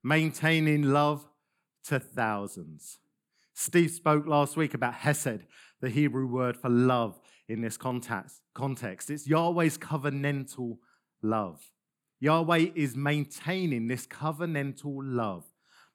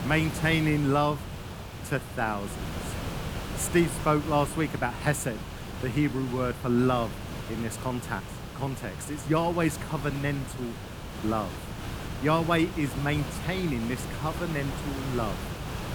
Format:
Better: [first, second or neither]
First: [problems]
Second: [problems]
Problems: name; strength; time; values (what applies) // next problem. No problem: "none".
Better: first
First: none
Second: hiss; loud; throughout; 8 dB below the speech